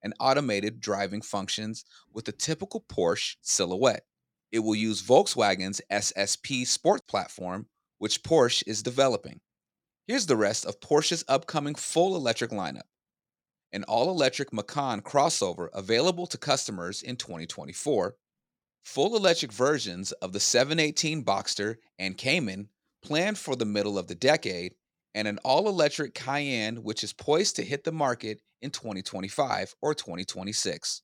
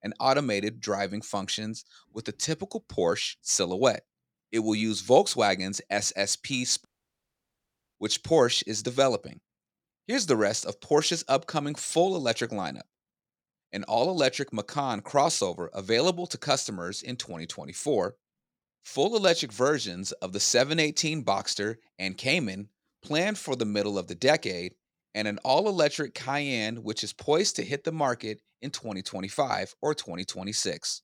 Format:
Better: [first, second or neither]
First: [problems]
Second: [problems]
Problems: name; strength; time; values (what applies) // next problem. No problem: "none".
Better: first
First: none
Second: audio cutting out; at 7 s for 1 s